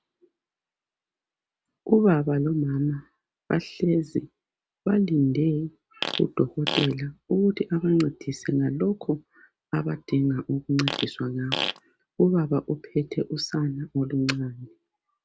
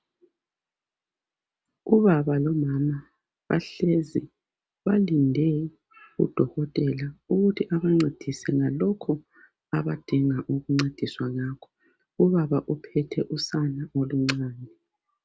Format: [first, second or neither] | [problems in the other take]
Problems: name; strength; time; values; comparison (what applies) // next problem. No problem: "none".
second | background sound (Fart); 6 dB below the speech